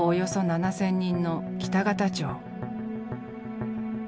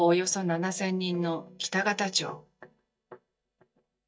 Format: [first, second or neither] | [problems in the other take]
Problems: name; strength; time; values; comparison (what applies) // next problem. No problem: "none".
first | noise reduction (neural mask model DeepFilterNet 3)